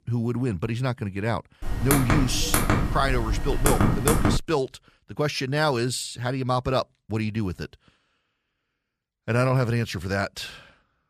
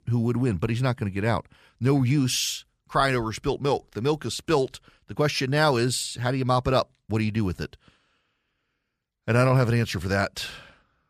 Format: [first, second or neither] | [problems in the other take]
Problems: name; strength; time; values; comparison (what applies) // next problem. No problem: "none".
second | keyboard typing; loud; from 1.5 to 4.5 s; peak 4 dB above the speech